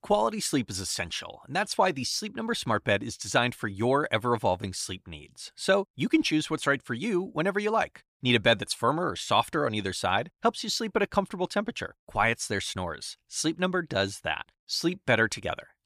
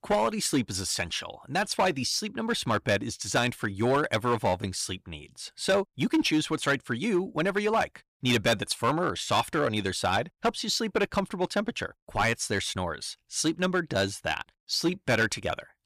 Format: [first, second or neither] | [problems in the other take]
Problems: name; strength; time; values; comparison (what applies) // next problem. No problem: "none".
first | distortion; slight; 5% of the sound clipped